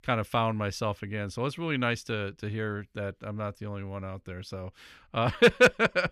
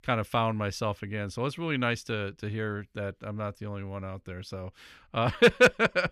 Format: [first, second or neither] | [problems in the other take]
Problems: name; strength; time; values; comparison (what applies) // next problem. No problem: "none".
neither | none